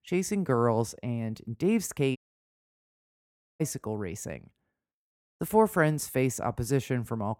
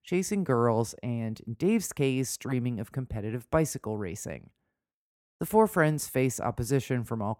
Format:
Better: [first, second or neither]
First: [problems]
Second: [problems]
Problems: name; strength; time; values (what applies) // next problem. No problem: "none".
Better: second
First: audio cutting out; at 2 s for 1.5 s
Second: none